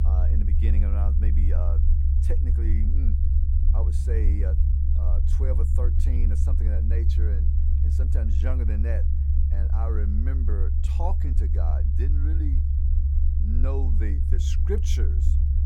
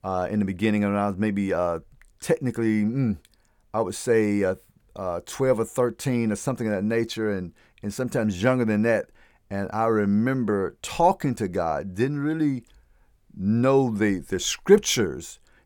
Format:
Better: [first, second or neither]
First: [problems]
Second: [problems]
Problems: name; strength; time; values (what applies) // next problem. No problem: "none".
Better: second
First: low rumble; loud; throughout; 2 dB below the speech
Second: none